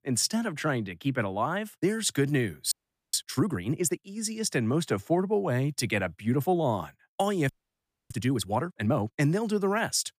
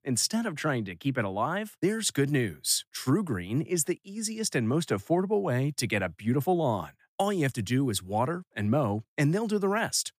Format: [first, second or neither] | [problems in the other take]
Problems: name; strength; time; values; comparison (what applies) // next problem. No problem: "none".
second | audio freezing; at 2.5 s and at 7.5 s for 0.5 s